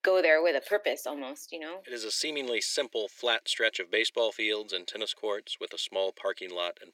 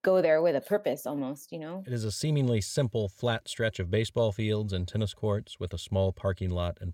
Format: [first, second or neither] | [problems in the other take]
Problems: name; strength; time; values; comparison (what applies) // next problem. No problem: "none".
second | thin; very; fading below 300 Hz